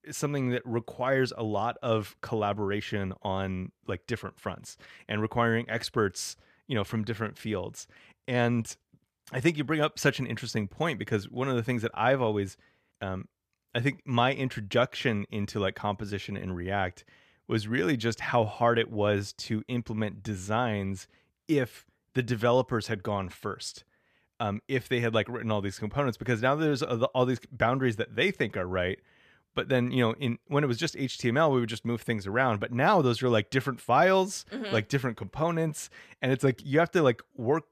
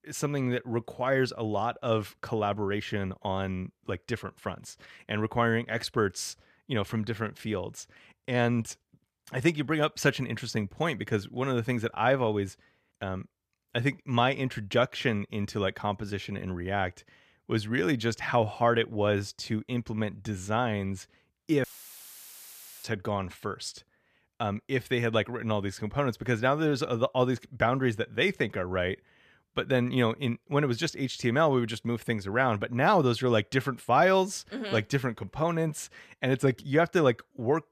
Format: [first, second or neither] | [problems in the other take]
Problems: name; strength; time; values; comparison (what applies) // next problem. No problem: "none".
first | audio cutting out; filled with static; at 22 s for 1 s